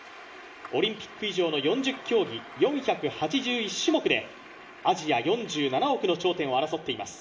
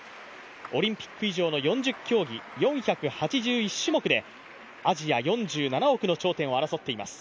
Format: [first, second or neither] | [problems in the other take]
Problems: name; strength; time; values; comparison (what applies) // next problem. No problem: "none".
second | room echo; dies away in 1.3 s